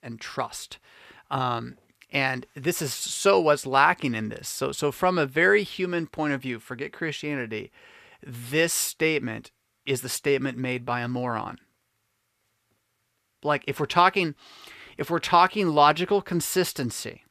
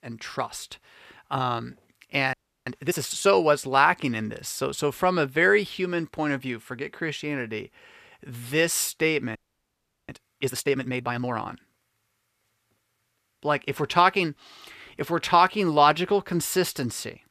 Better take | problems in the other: first | audio freezing; at 2.5 s and at 9.5 s for 0.5 s

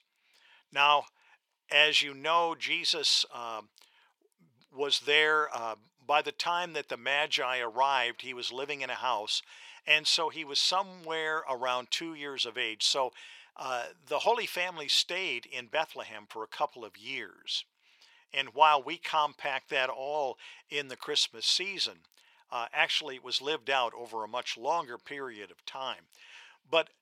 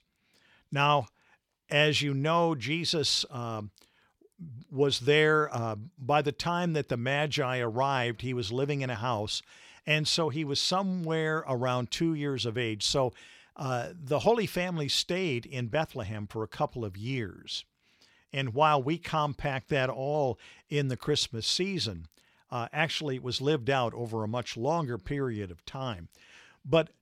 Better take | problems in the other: second | thin; very; fading below 600 Hz

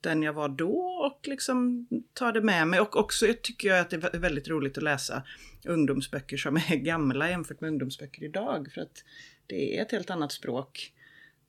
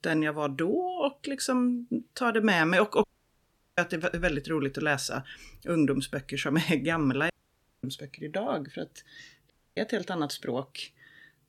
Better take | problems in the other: first | audio cutting out; at 3 s for 0.5 s, at 7.5 s for 0.5 s and at 9.5 s

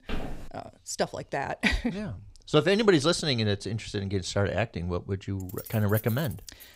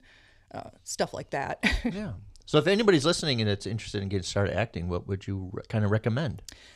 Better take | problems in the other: second | footsteps; noticeable; at the start; peak 10 dB below the speech // jangling keys; faint; from 5.5 s on; peak 10 dB below the speech

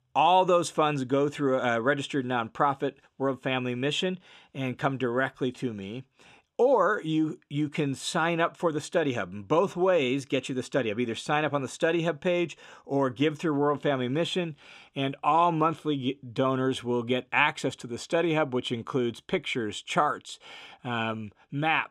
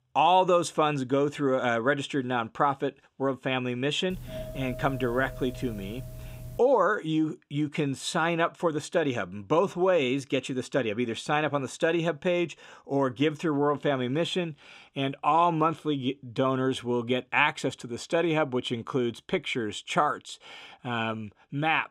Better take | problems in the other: first | doorbell; faint; from 4 to 6.5 s; peak 10 dB below the speech

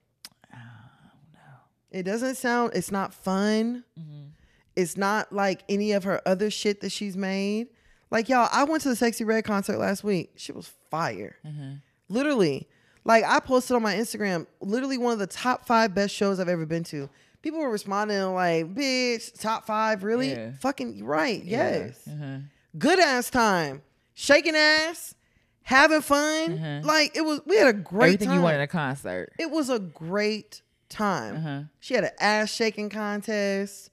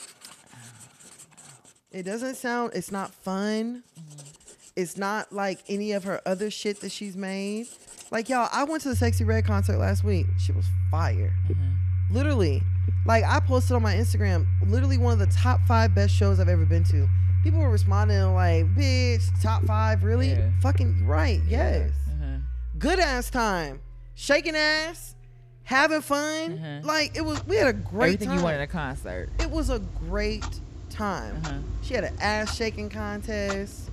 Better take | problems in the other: first | household noises; very loud; throughout; 3 dB above the speech

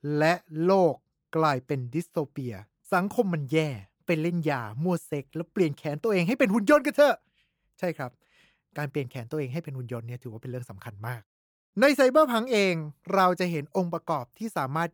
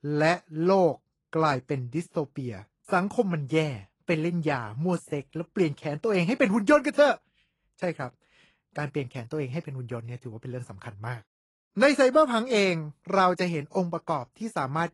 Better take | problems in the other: first | garbled, watery; slightly; nothing above 10.5 kHz

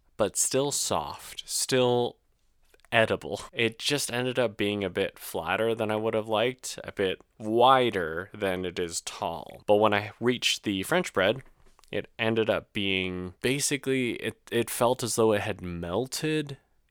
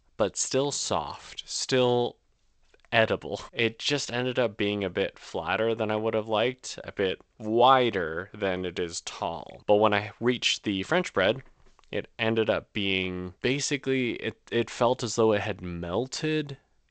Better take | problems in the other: first | garbled, watery; slightly; nothing above 8 kHz

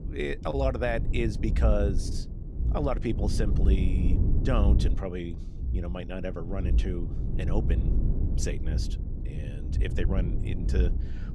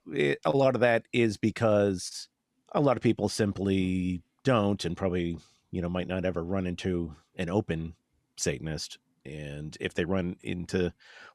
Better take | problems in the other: second | low rumble; loud; throughout; 9 dB below the speech

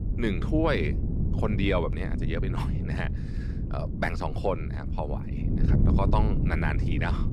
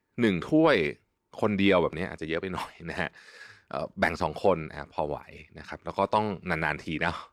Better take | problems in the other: second | wind noise on the microphone; heavy; 8 dB below the speech

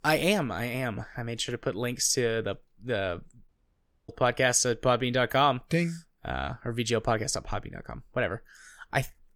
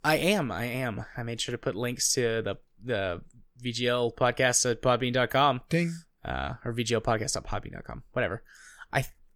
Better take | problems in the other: second | audio cutting out; at 3.5 s for 0.5 s

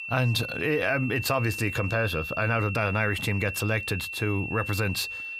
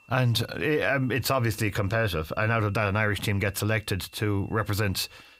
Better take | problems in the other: second | high-pitched whine; loud; throughout; 2.5 kHz, 6 dB below the speech; faint in the second

